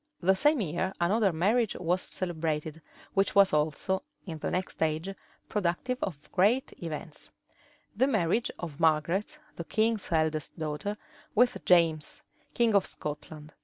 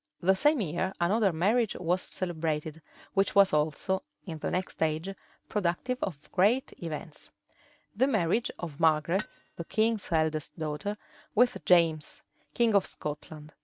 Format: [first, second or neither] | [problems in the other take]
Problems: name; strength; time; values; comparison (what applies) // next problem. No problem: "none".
first | noise reduction (neural mask model RNNoise)